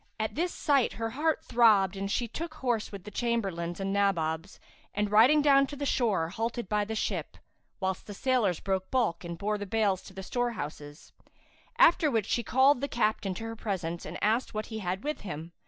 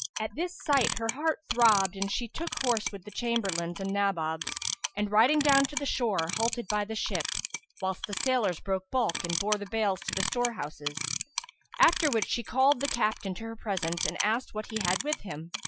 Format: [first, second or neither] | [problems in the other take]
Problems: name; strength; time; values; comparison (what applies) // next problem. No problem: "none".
first | noise reduction (classical method Wiener filter)